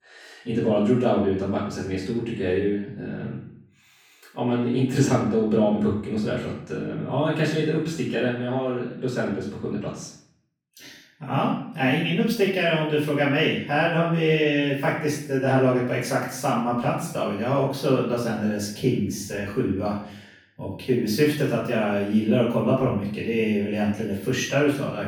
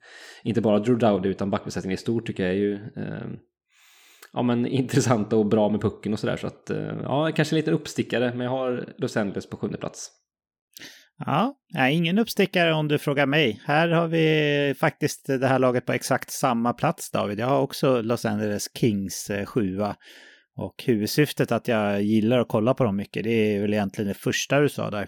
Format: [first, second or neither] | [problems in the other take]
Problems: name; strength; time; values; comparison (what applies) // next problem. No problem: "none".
second | off-mic speech; far // room echo; noticeable; dies away in 0.6 s